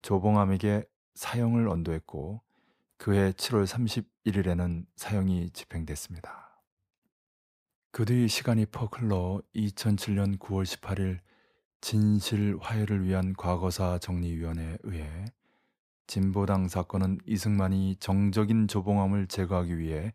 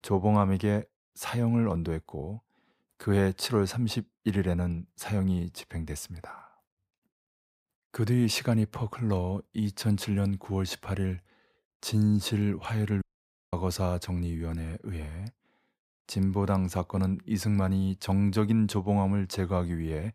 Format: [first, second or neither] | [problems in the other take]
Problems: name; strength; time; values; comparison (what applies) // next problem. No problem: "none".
first | audio cutting out; at 13 s for 0.5 s